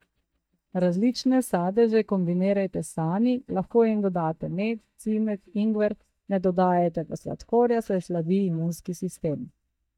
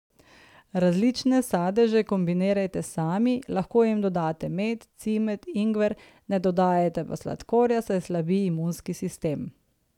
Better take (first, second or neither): second